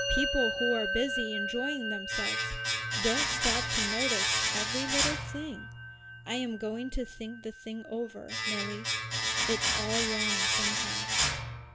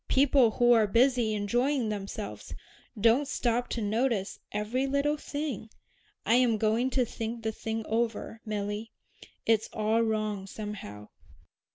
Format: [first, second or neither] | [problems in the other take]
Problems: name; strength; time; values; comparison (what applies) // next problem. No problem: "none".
second | background sound (Domestic sounds, home sounds + Musical instrument); 4 dB above the speech